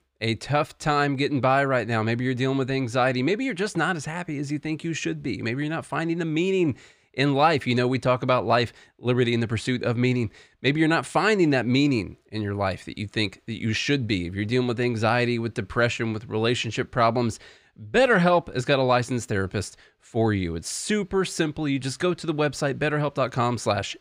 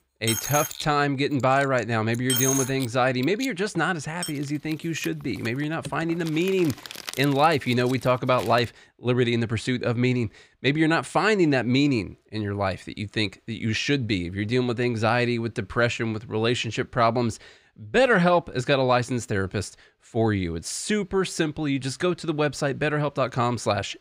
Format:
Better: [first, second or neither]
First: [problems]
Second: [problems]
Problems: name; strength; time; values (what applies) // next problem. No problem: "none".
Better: first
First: none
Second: household noises; loud; until 8.5 s; 7 dB below the speech